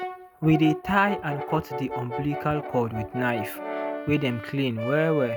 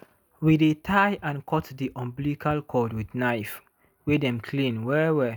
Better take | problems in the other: second | background sound (Brass instrument); 7 dB below the speech

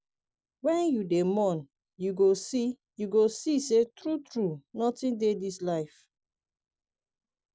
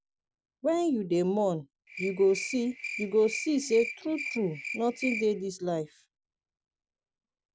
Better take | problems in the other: first | background sound (Cricket); 9 dB below the speech

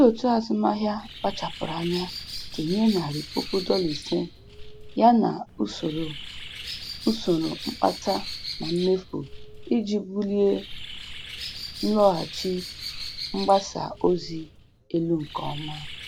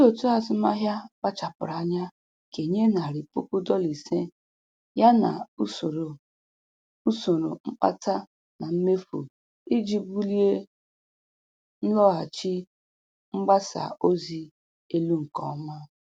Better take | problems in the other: second | background sound (Bird); 11 dB below the speech

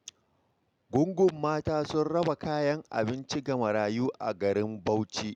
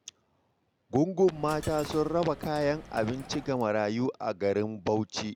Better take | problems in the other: first | background sound (Coin (dropping)); 16 dB below the speech

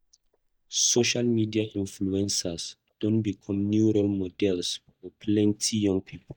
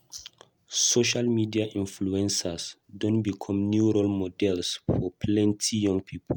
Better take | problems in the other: second | noise reduction (neural mask model DeepFilterNet 3)

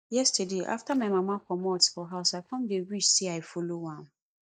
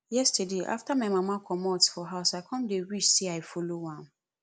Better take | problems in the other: second | noise reduction (neural mask model DeepFilterNet 3)

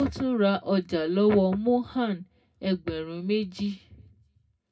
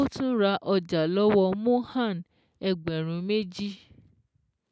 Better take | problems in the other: second | room echo; dies away in 0.2 s

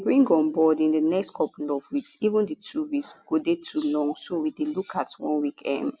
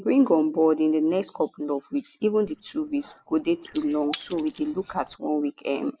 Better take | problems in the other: first | noise reduction (neural mask model Resemble Enhance denoiser)

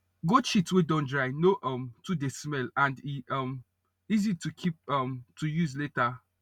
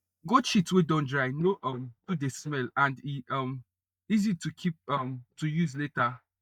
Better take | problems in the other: first | noise reduction (neural mask model DeepFilterNet 3)

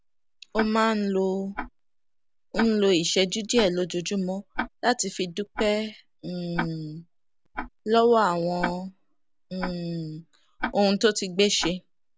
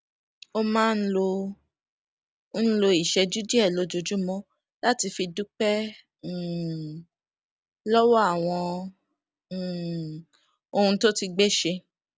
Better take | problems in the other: second | background sound (Tick-tock); 12 dB below the speech

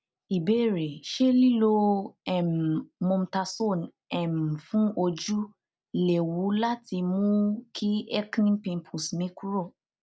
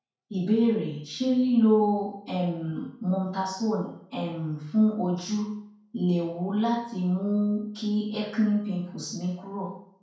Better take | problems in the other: first | room echo; dies away in 0.5 s

